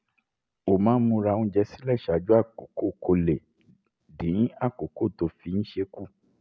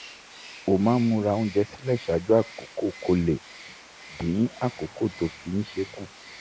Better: first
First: none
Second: background sound (Bird + Water); 19 dB below the speech

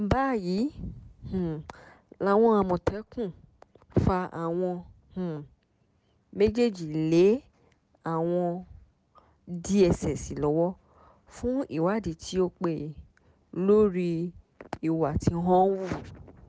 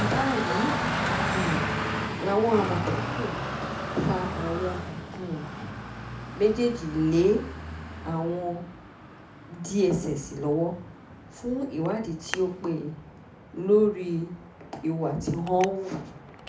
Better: first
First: none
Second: background sound (Traffic noise, roadway noise); 5 dB below the speech // room echo; dies away in 0.4 s

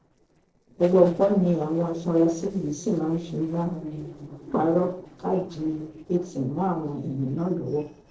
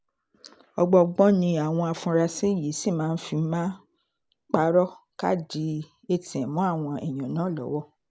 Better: second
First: noise reduction (neural separator model SepFormer DNS4)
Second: none

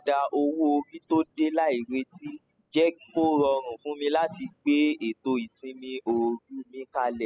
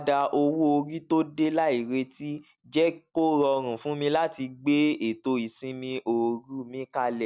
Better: second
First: noise reduction (classical method spectral subtraction)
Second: none

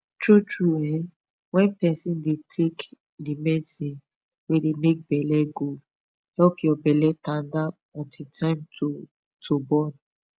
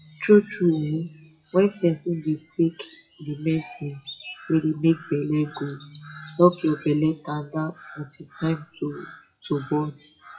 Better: first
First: none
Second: noise reduction (classical method WPE with log-MMSE)

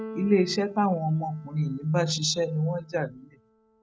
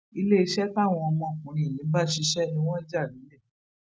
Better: second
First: background sound (Keyboard (musical)); 19 dB below the speech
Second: none

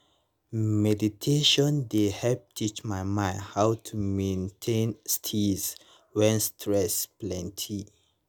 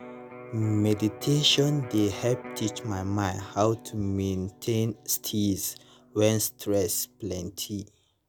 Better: first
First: none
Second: background sound (Electric guitar); 17 dB below the speech

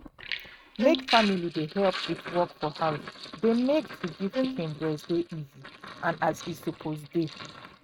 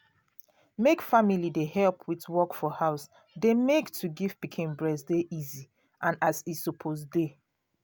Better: second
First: noise reduction (neural mask model RNNoise)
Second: none

